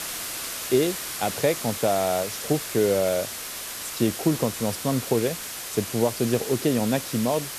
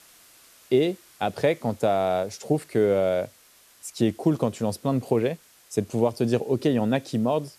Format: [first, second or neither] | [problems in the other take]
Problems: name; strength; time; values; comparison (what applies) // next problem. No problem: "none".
second | hiss; loud; throughout; 6 dB below the speech; faint in the second